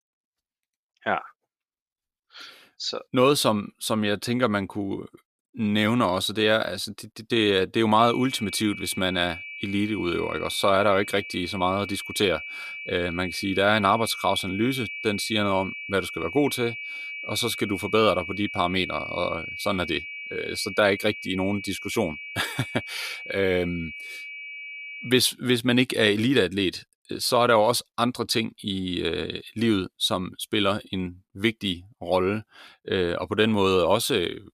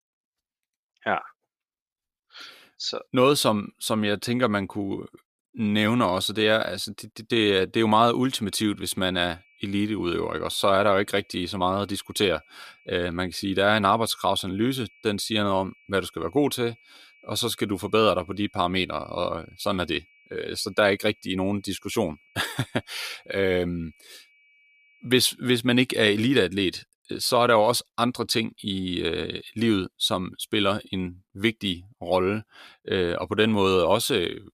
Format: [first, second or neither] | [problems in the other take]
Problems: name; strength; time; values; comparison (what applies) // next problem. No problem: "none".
second | high-pitched whine; loud; from 8 to 25 s; 2.5 kHz, 10 dB below the speech; faint in the second